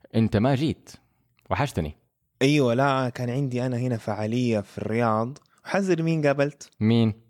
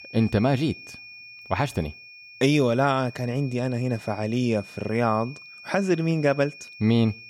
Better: first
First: none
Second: high-pitched whine; noticeable; throughout; 2.5 kHz, 20 dB below the speech

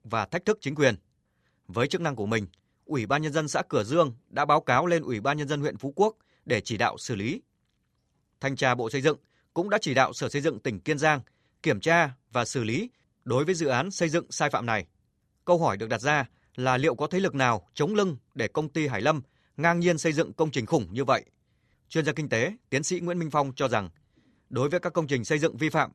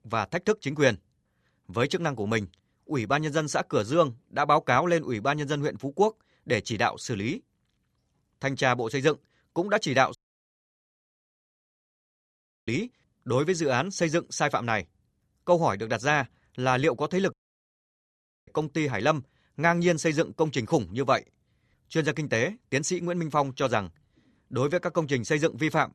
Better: first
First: none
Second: audio cutting out; at 10 s for 2.5 s and at 17 s for 1 s

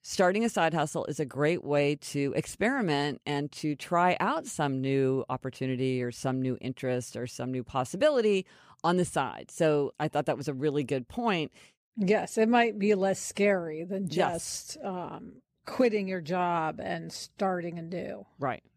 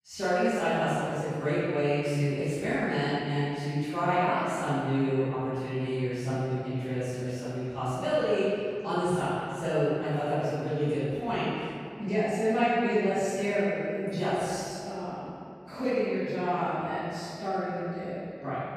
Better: first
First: none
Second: room echo; strong; dies away in 2.2 s // off-mic speech; far

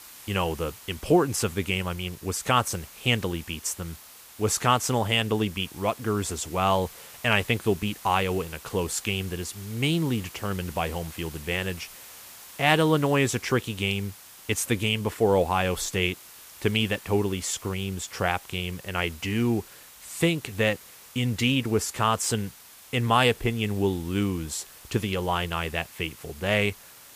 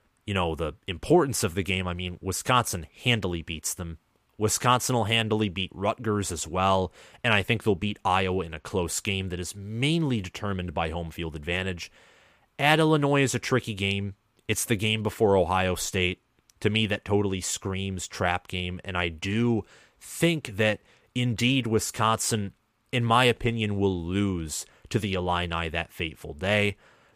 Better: second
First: hiss; noticeable; throughout; 20 dB below the speech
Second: none

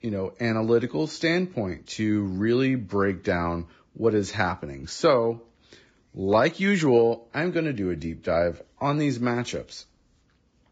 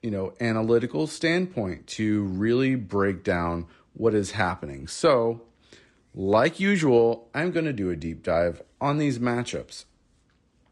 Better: second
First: garbled, watery; badly; nothing above 7.5 kHz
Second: garbled, watery; slightly; nothing above 10 kHz

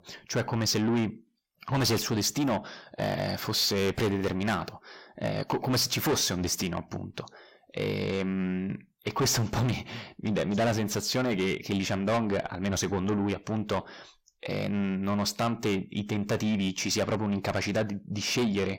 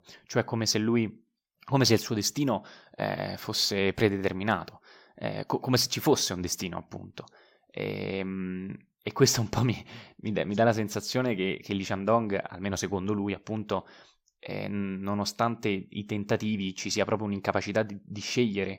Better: second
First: distortion; heavy; 6 dB below the speech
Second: none

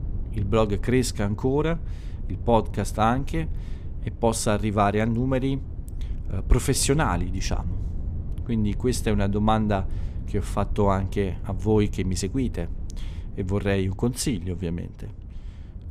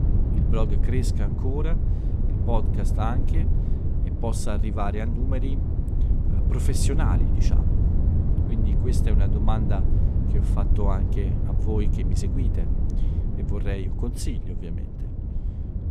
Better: first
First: low rumble; faint; throughout; 20 dB below the speech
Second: low rumble; loud; throughout; 4 dB below the speech

